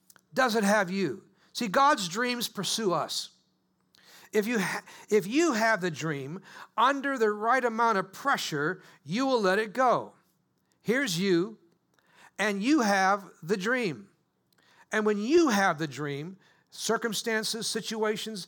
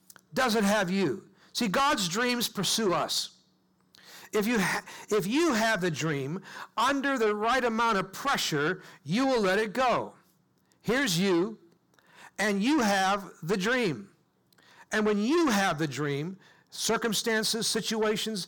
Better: first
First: none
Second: distortion; heavy; 7 dB below the speech

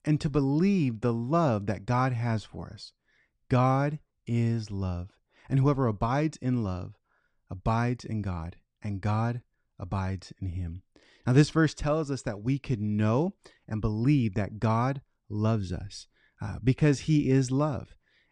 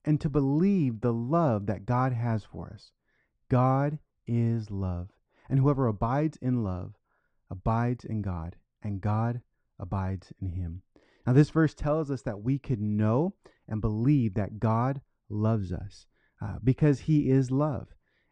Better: first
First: none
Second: muffled; slightly; fading above 2 kHz

